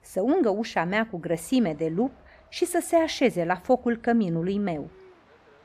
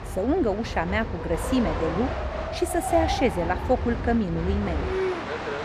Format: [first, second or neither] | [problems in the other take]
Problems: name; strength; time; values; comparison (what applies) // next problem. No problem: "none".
first | train or aircraft noise; loud; throughout; 4 dB below the speech; faint in the first